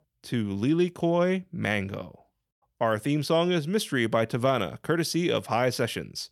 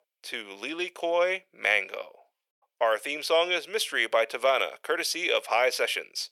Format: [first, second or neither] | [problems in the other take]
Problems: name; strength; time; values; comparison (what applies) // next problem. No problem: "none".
first | thin; very; fading below 500 Hz